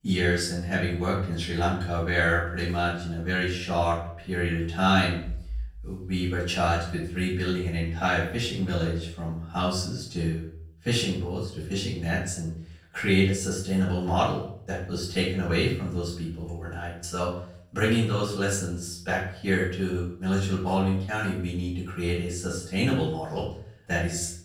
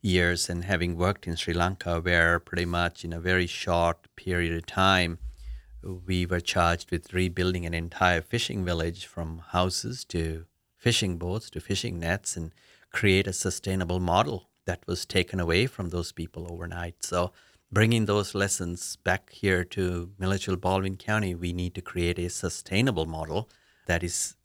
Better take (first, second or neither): second